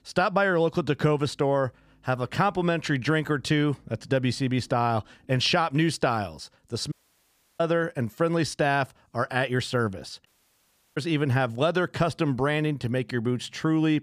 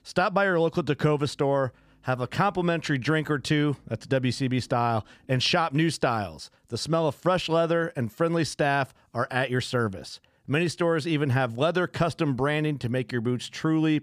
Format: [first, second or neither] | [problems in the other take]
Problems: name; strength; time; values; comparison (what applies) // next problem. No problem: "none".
second | audio cutting out; at 7 s for 0.5 s and at 10 s for 0.5 s